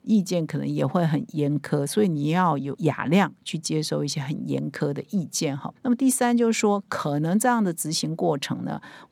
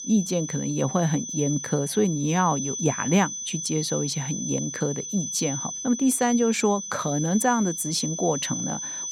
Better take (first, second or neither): first